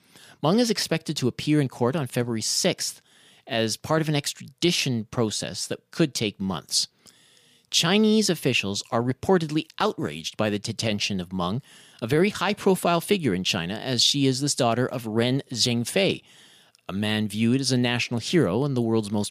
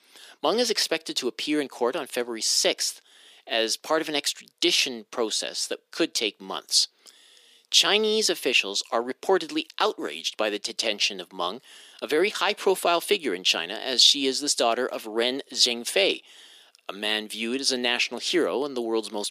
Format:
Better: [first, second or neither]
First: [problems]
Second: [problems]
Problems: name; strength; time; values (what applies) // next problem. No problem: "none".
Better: first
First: none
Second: thin; somewhat; fading below 300 Hz